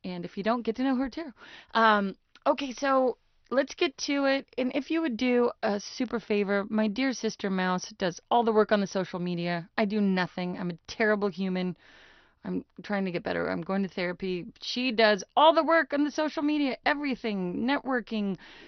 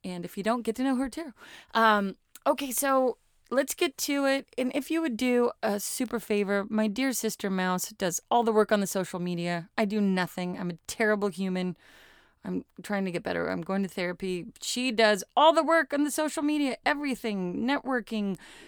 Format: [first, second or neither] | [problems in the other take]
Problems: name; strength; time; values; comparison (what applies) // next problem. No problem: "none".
second | garbled, watery; slightly; nothing above 6 kHz